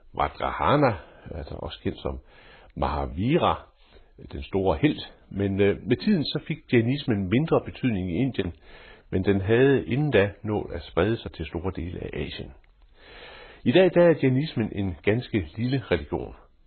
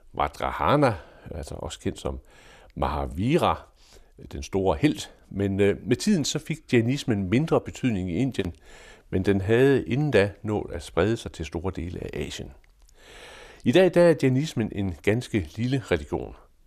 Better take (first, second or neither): second